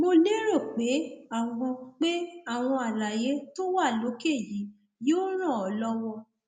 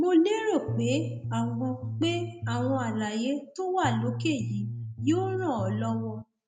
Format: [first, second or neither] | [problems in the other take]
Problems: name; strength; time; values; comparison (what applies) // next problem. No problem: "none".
first | background sound (Bass guitar); 5 dB below the speech